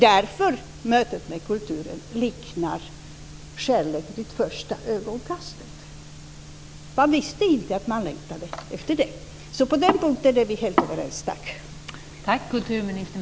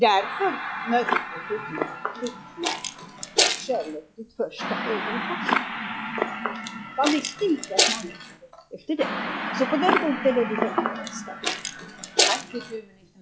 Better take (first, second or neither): first